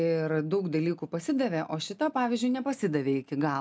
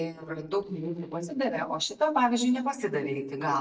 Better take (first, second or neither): first